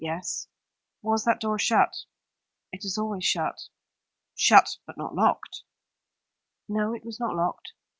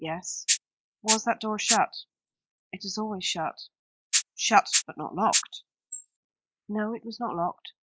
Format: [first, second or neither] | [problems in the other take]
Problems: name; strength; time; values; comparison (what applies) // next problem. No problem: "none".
first | noise reduction (neural mask model Resemble Enhance denoiser)